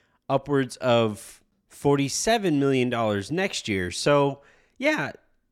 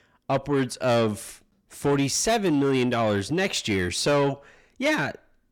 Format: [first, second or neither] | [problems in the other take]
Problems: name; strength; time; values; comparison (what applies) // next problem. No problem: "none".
first | distortion; slight; 10 dB below the speech